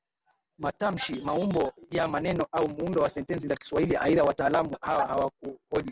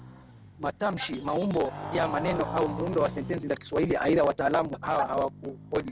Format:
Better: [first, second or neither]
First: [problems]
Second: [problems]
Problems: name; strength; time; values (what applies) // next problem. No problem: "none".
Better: first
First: none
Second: background sound (Motorcycle); 12 dB below the speech